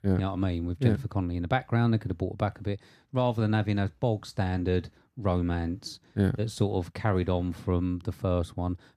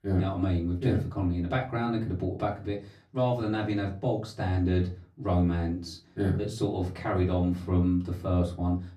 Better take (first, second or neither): first